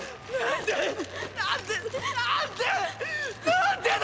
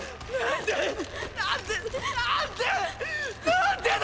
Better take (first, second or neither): first